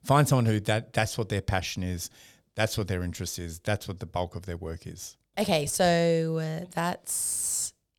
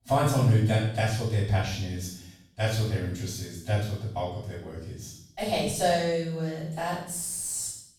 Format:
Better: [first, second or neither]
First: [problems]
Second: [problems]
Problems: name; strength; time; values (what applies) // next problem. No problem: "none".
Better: first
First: none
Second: off-mic speech; far // room echo; noticeable; dies away in 0.7 s